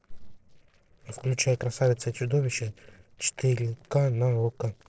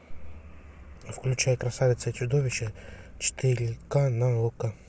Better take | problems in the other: second | noise reduction (neural separator model SepFormer DNS4)

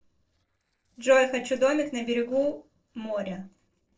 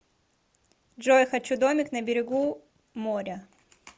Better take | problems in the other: second | noise reduction (neural separator model SepFormer DNS4)

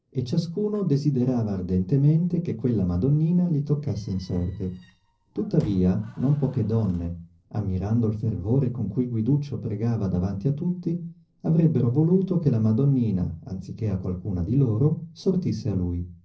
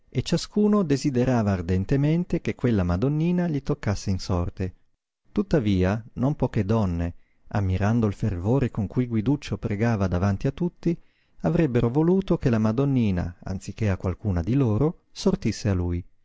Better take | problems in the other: second | noise reduction (neural separator model SepFormer DNS4)

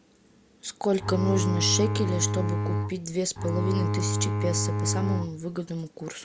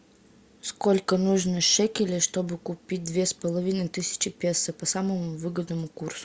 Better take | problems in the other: second | background sound (Bowed string instrument); 2 dB above the speech

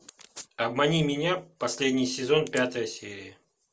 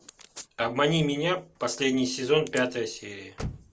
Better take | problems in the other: first | background sound (Slam / Car); 18 dB below the speech

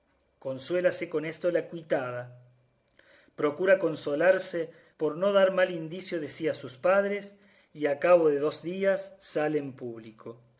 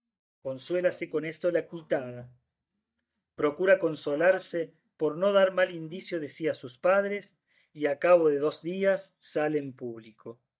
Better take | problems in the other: first | noise reduction (neural mask model DeepFilterNet 3)

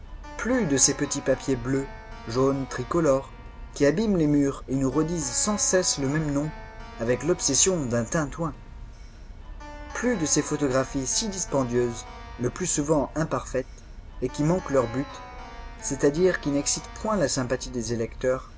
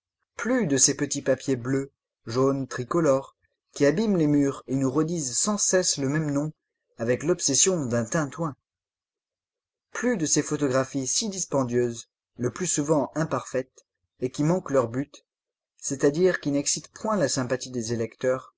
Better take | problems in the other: second | background sound (Keyboard (musical)); 14 dB below the speech

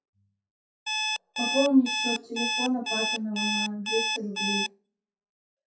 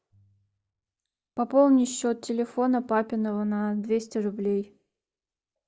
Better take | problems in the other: second | noise reduction (classical method WPE with log-MMSE)

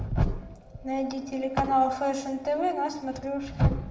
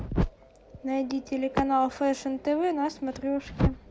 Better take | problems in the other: second | room echo; dies away in 0.7 s

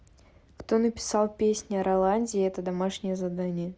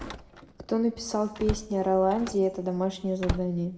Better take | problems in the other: first | background sound (Slam); 10 dB below the speech // room echo; dies away in 0.9 s

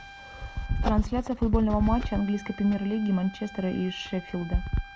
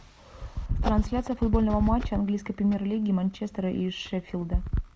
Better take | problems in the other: second | background sound (Trumpet); 20 dB below the speech

